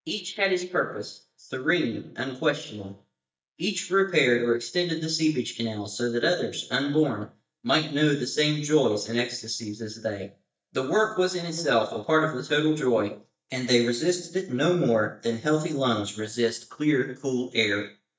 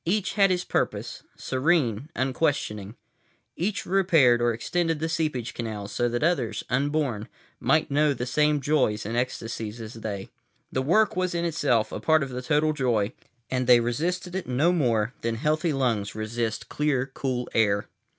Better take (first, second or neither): second